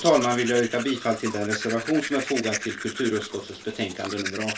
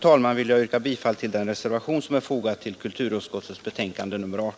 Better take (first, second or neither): second